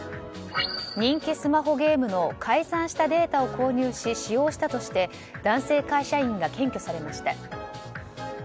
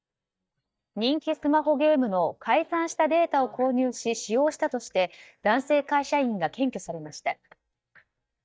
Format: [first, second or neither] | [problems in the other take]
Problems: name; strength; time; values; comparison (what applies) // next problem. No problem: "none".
first | noise reduction (neural mask model DeepFilterNet 3)